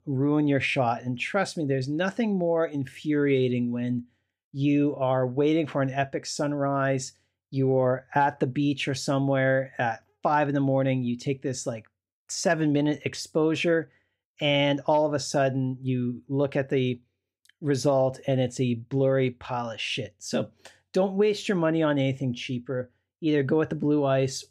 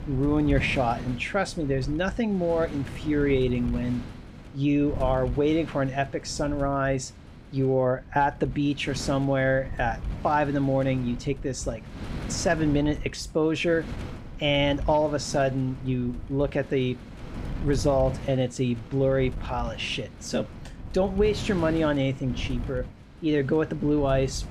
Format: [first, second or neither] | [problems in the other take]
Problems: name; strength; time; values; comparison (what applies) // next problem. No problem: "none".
first | wind noise on the microphone; occasional gusts; 15 dB below the speech